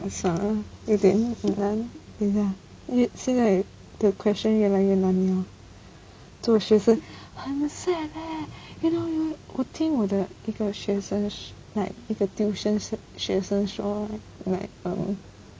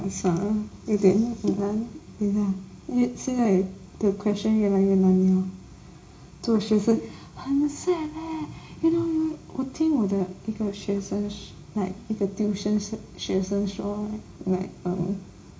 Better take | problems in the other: first | room echo; dies away in 0.3 s

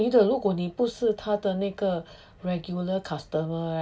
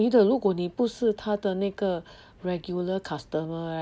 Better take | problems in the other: second | room echo; dies away in 0.2 s

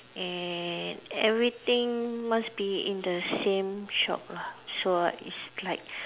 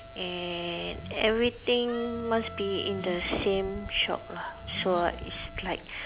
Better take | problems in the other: first | background sound (Accelerating, revving, vroom / Car + Wind instrument, woodwind instrument); 11 dB below the speech

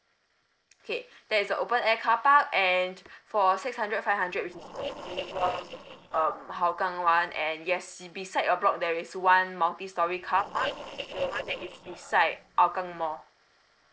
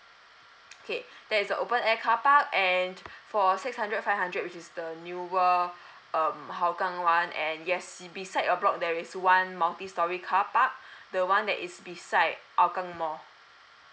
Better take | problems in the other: second | noise reduction (neural separator model SepFormer DNS4)

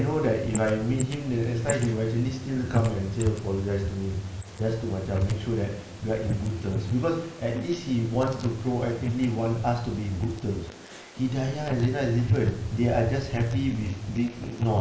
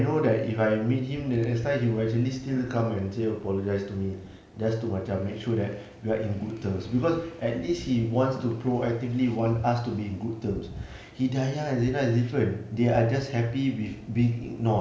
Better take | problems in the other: second | noise reduction (neural mask model Resemble Enhance denoiser)

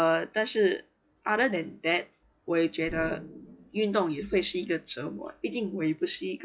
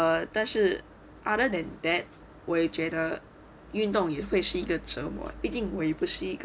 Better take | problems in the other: second | noise reduction (classical method log-MMSE)

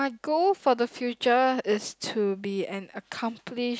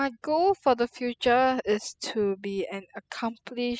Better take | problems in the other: first | noise reduction (classical method spectral subtraction)

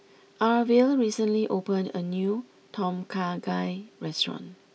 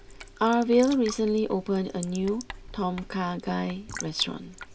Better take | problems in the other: first | background sound (Raindrop / Drip / Trickle, dribble + Writing); 16 dB below the speech

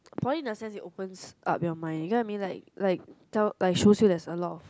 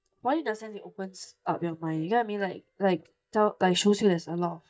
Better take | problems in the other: first | noise reduction (neural mask model DeepFilterNet 3)

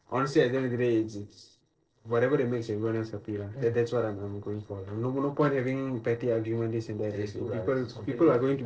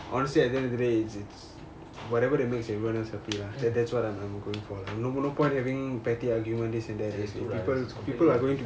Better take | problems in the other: second | noise reduction (neural separator model SepFormer DNS4)

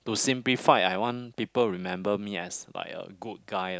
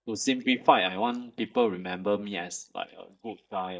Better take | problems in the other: first | noise reduction (neural mask model DeepFilterNet 3)

